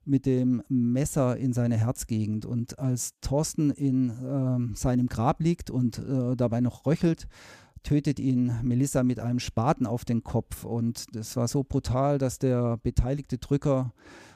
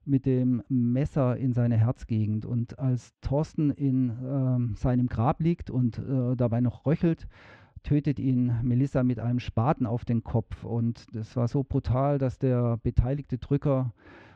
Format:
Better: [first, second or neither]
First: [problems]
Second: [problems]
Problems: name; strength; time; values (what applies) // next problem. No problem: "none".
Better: first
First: none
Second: muffled; very; fading above 3.5 kHz